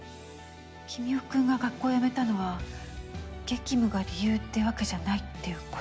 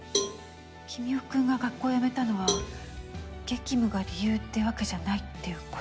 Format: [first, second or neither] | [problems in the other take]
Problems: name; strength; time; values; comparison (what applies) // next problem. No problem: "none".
first | background sound (Cowbell); 7 dB below the speech